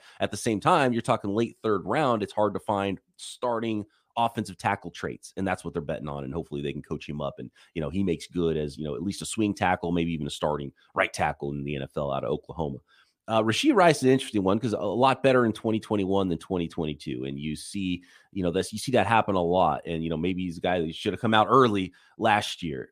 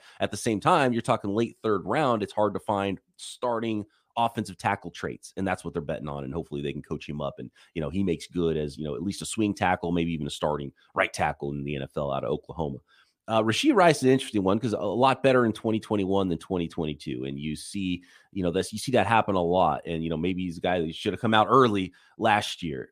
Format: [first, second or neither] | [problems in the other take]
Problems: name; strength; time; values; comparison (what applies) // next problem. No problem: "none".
neither | none